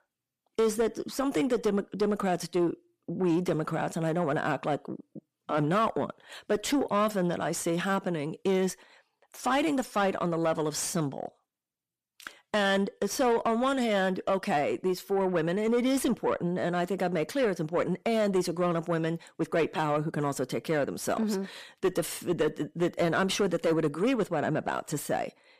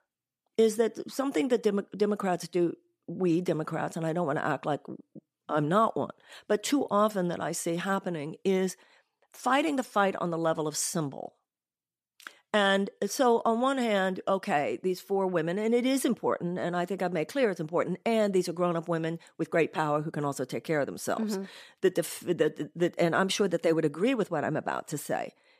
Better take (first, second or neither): second